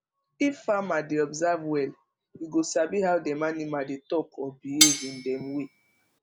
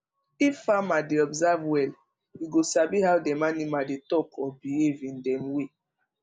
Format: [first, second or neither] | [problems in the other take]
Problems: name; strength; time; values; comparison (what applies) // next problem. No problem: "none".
second | background sound (Cutlery, silverware); 2 dB above the speech